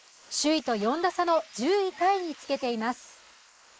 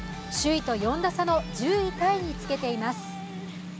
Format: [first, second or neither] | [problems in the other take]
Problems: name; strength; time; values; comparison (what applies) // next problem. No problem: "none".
second | noise reduction (neural mask model Resemble Enhance denoiser)